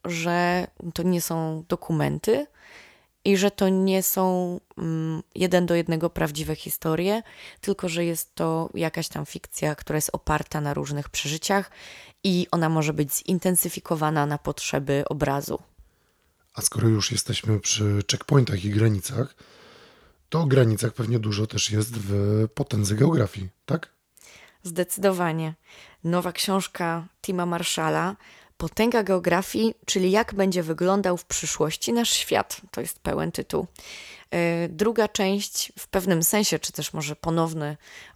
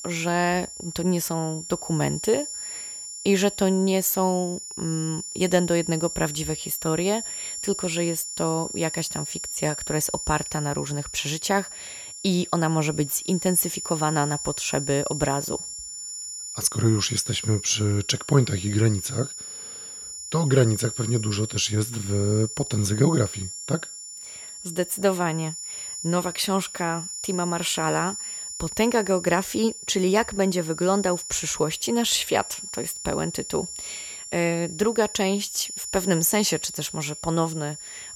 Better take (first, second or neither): first